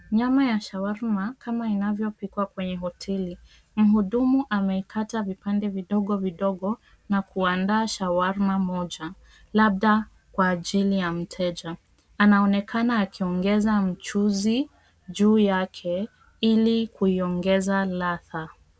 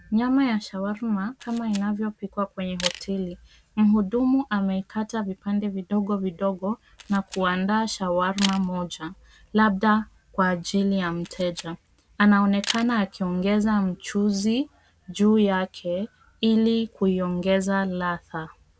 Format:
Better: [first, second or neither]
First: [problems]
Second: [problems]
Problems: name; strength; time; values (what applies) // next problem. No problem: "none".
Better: first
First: none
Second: background sound (Camera); 15 dB below the speech